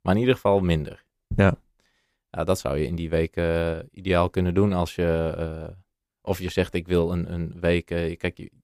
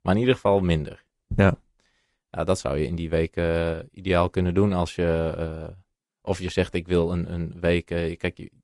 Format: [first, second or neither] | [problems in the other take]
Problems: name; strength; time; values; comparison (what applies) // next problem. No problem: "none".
first | garbled, watery; slightly; nothing above 10.5 kHz